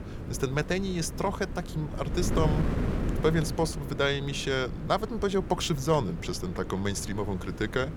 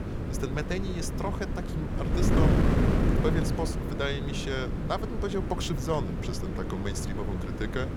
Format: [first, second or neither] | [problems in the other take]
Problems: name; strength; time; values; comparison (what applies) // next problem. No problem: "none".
first | wind noise on the microphone; heavy; 1 dB below the speech; occasional gusts in the first